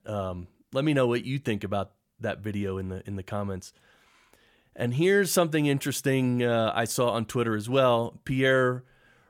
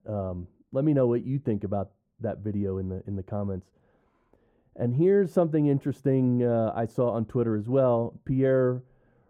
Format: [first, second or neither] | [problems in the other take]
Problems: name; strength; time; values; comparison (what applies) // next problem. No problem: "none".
first | muffled; very; fading above 1.5 kHz